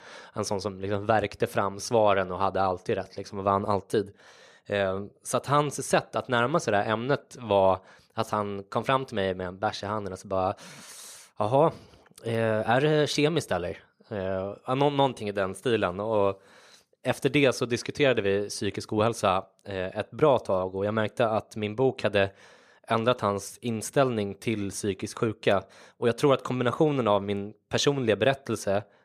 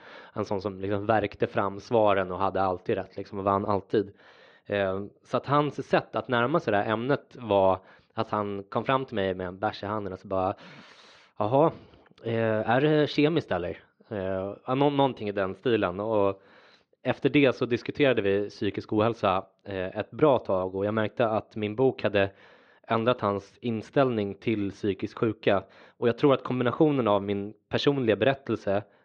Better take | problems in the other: first | muffled; slightly; fading above 4 kHz

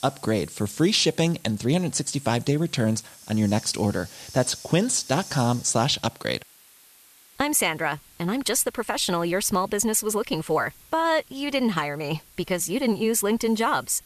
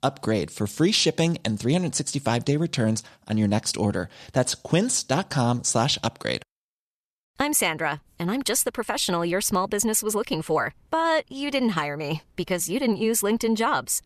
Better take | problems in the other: second | hiss; faint; throughout; 20 dB below the speech

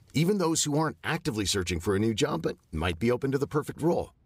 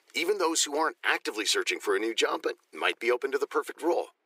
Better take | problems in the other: first | thin; very; fading below 350 Hz

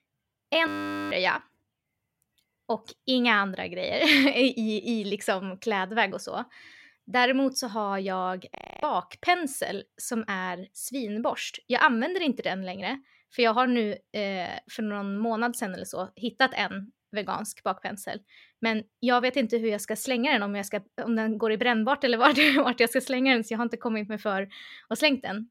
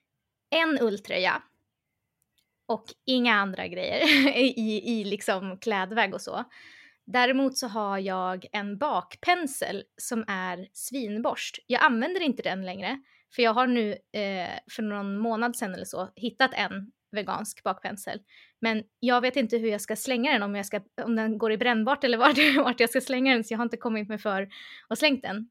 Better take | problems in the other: second | audio freezing; at 0.5 s and at 8.5 s

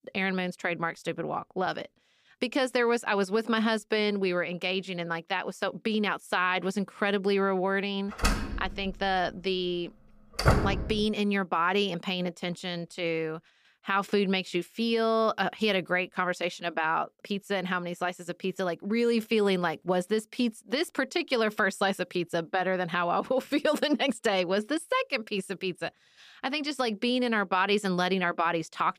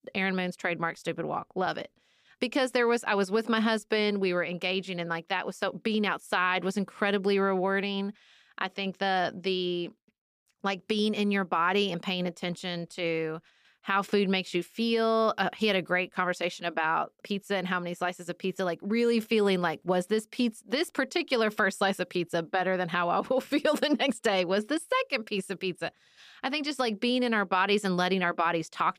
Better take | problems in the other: second | door banging; loud; from 8 to 11 s; peak 4 dB above the speech

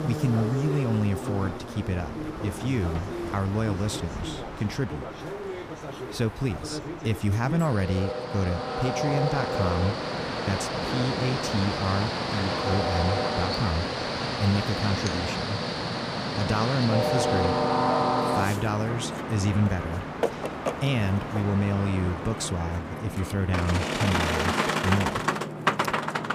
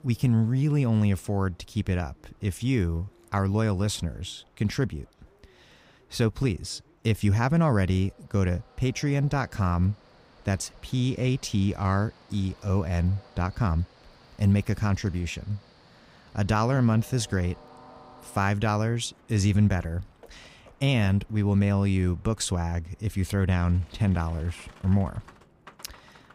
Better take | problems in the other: second | train or aircraft noise; loud; throughout; 1 dB below the speech; faint in the second

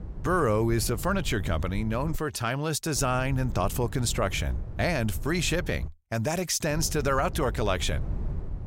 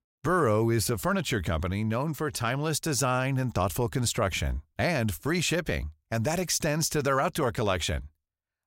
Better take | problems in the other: second | wind noise on the microphone; occasional gusts; until 2 s, from 3 to 6 s and from 6.5 s on; 20 dB below the speech

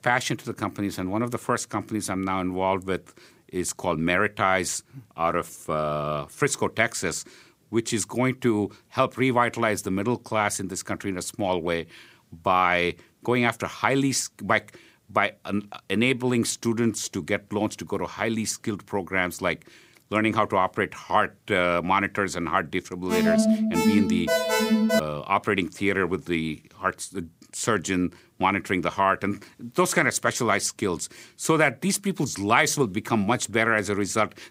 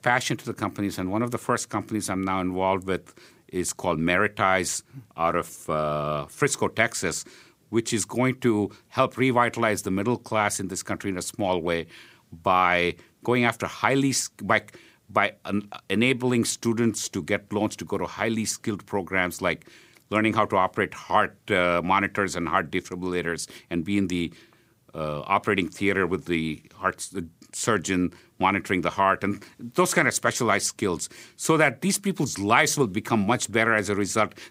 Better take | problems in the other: second | alarm; loud; from 23 to 25 s; peak 5 dB above the speech

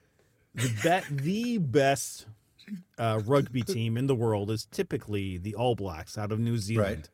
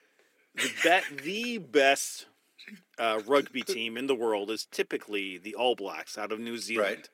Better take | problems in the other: first | thin; somewhat; fading below 300 Hz

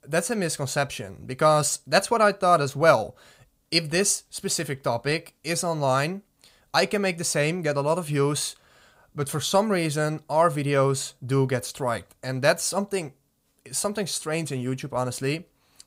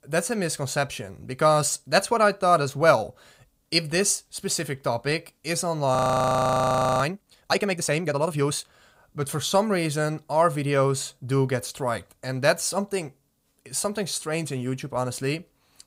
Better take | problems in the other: first | audio freezing; at 6 s for 1 s

